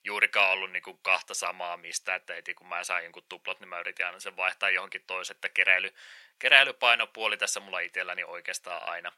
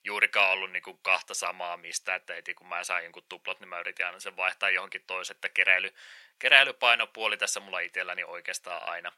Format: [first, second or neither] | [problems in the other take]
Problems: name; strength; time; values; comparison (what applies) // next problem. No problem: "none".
neither | thin; very; fading below 900 Hz; the same in both